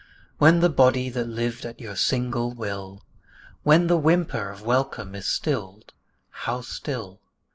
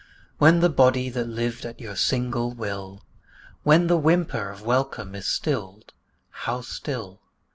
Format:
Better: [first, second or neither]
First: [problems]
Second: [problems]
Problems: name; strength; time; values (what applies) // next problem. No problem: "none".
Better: second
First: noise reduction (neural mask model Resemble Enhance denoiser)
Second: none